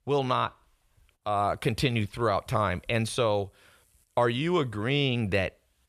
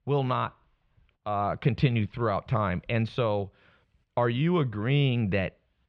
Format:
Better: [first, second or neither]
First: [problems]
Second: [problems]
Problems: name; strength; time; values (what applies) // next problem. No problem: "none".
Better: first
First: none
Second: muffled; slightly; fading above 3.5 kHz